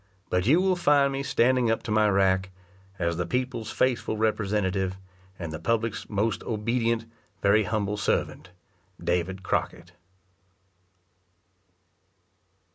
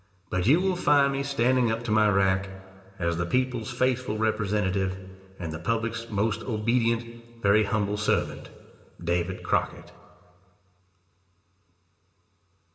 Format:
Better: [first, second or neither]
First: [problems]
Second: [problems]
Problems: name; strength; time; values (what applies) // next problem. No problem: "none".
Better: first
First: none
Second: room echo; dies away in 1.6 s